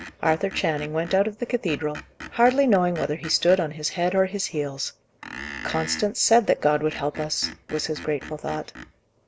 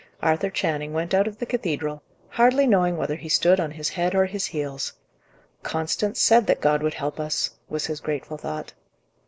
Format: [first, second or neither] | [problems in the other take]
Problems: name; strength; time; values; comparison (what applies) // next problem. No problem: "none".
second | background sound (Screech); 16 dB below the speech